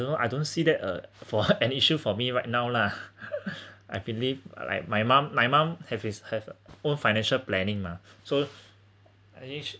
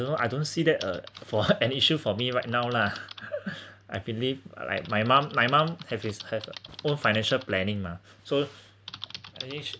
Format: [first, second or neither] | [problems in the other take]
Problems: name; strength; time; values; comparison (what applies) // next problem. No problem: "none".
first | background sound (Typing); 19 dB below the speech